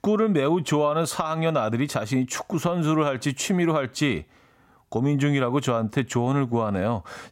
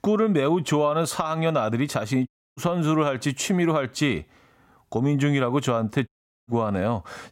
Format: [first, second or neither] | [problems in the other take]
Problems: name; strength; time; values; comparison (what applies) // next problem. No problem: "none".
first | audio cutting out; at 2.5 s and at 6 s